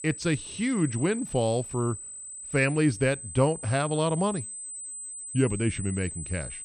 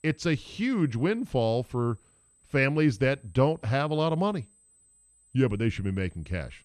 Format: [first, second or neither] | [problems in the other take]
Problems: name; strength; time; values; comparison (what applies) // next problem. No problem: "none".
second | high-pitched whine; loud; throughout; 8 kHz, 9 dB below the speech; faint in the second